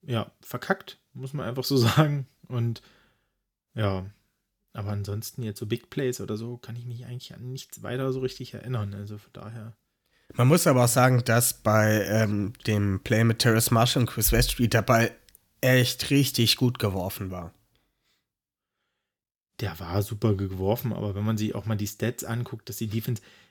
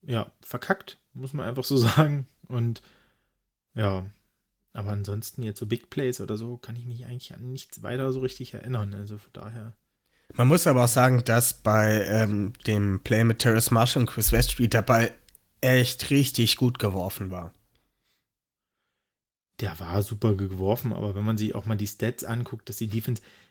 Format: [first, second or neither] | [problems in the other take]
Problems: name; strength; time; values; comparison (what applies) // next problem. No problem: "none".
first | garbled, watery; slightly; nothing above 18 kHz